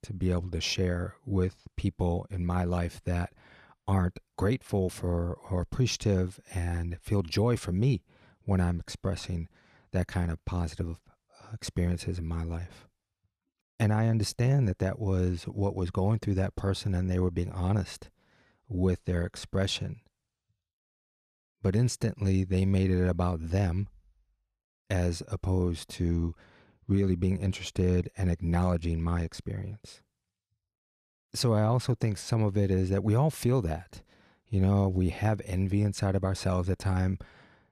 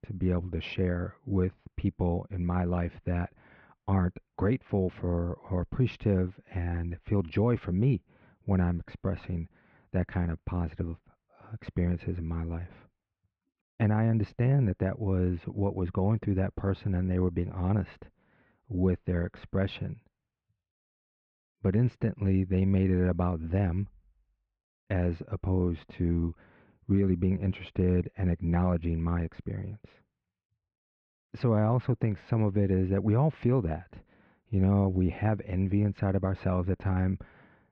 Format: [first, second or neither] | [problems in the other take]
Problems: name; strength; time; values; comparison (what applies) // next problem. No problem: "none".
first | muffled; very; fading above 2.5 kHz